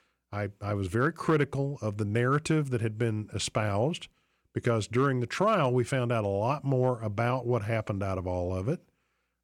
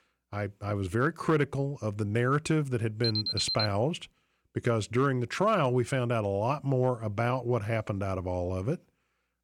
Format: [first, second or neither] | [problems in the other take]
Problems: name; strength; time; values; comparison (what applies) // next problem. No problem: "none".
first | alarm; loud; at 3 s; peak level with the speech